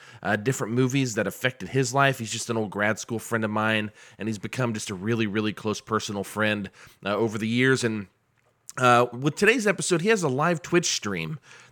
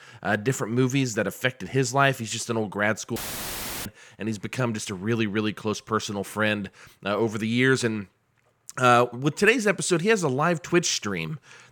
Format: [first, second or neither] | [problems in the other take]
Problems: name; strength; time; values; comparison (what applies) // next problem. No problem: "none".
first | audio cutting out; filled with static; at 3 s for 0.5 s